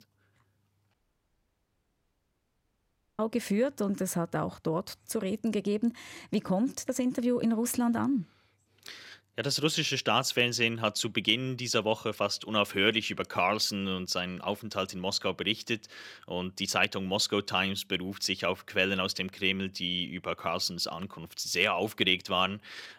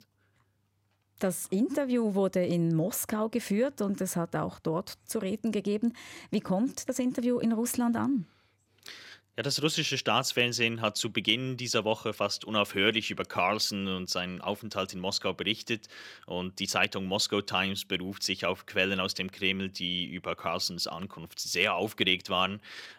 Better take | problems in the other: second | audio cutting out; at 1 s for 2.5 s

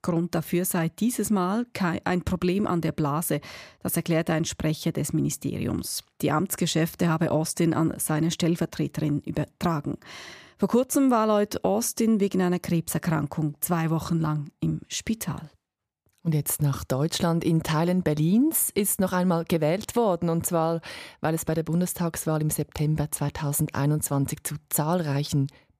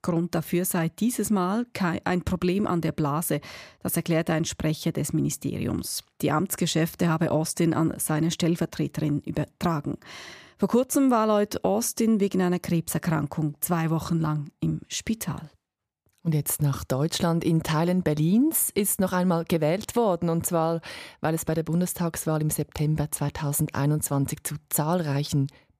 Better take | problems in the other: neither | none

